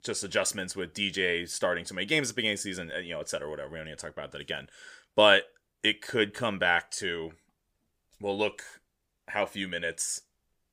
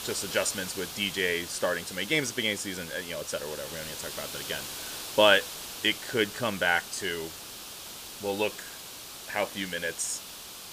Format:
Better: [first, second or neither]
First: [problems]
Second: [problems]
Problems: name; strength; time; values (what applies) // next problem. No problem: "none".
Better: first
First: none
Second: hiss; loud; throughout; 9 dB below the speech